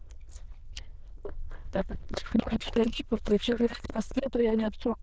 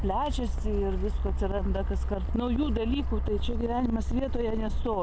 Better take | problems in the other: second | noise reduction (neural diffusion model UNIVERSE++)

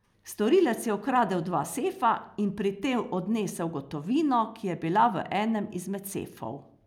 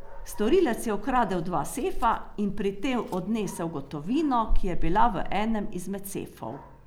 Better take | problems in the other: first | background sound (Dog); 1 dB below the speech

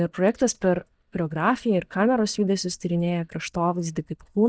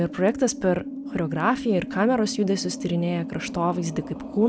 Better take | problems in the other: second | noise reduction (neural mask model DeepFilterNet 3)

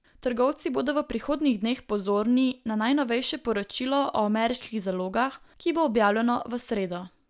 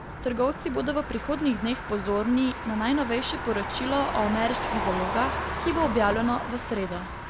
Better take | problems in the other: first | background sound (Motor vehicle (road)); 5 dB below the speech

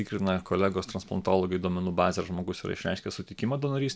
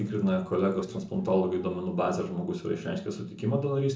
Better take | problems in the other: first | noise reduction (neural separator model SepFormer DNS4)

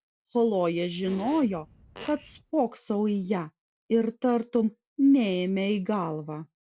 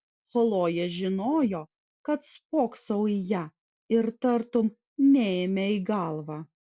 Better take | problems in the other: second | background sound (Fart); 18 dB below the speech

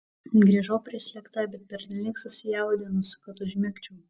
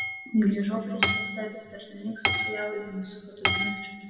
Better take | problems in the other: first | background sound (Hammer / Chink, clink); 1 dB below the speech // room echo; dies away in 1.9 s

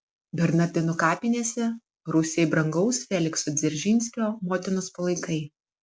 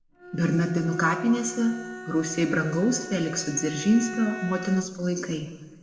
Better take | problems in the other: first | background sound (Bowed string instrument); 13 dB below the speech // room echo; dies away in 1.7 s

